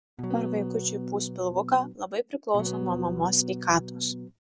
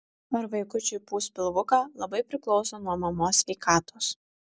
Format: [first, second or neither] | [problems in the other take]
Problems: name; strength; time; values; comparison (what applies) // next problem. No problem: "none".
second | background sound (Electric guitar / Strum); 5 dB below the speech